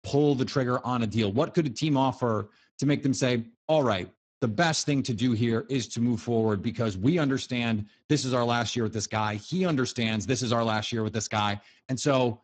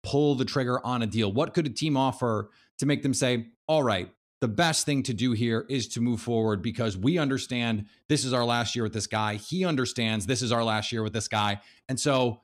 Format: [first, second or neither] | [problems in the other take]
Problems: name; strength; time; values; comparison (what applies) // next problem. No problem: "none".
second | garbled, watery; badly; nothing above 7.5 kHz